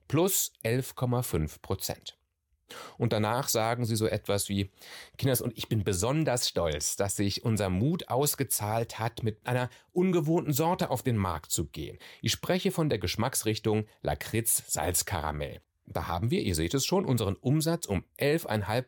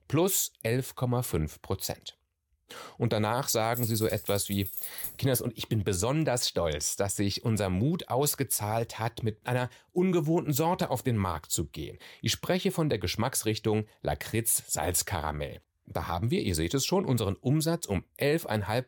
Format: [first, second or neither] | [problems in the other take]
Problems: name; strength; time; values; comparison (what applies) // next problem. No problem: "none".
first | jangling keys; noticeable; from 3.5 to 5 s; peak 5 dB below the speech